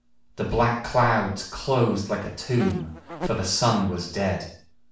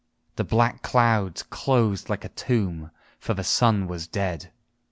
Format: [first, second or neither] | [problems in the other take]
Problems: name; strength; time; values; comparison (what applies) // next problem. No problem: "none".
second | background sound (Insect); 12 dB below the speech // room echo; dies away in 0.5 s